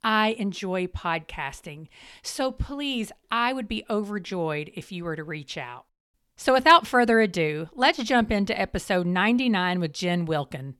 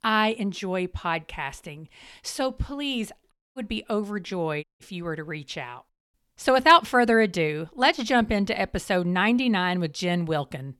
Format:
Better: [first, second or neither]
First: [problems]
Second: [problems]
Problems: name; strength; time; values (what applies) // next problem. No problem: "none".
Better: first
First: none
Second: audio cutting out; at 3.5 s and at 4.5 s